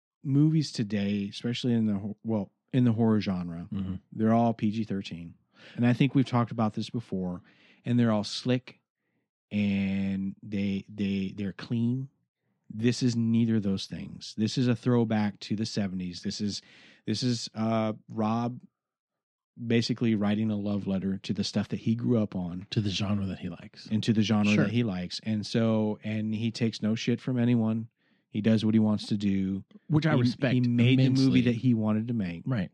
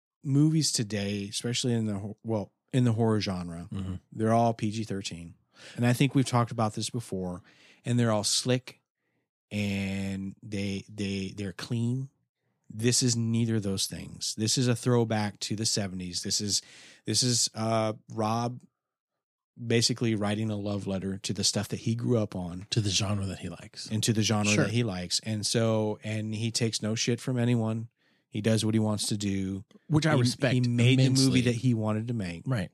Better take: second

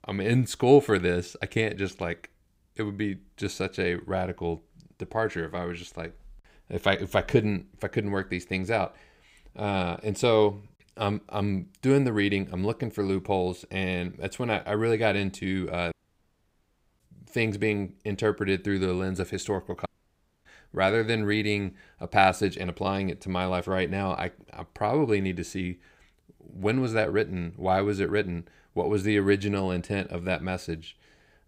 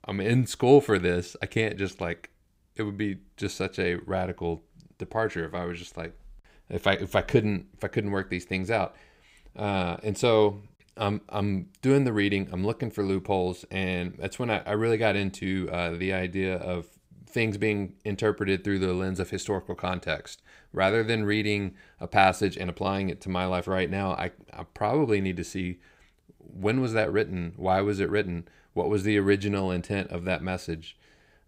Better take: second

